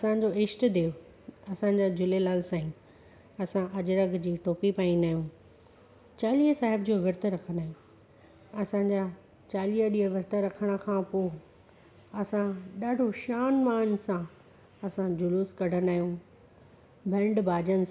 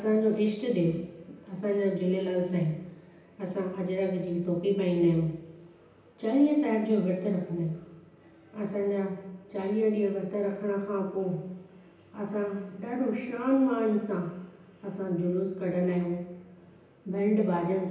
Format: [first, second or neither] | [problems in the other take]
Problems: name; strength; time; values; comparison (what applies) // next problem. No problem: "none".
first | room echo; dies away in 0.9 s